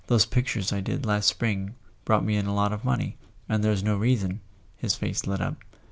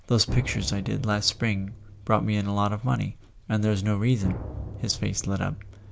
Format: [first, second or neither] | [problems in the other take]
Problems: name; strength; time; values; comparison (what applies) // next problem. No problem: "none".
first | background sound (Drum); 12 dB below the speech